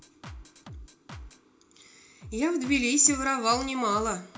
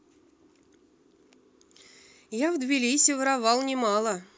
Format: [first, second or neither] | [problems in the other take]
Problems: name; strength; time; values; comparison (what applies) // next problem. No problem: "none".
second | background sound (Drum kit); 17 dB below the speech // room echo; dies away in 0.5 s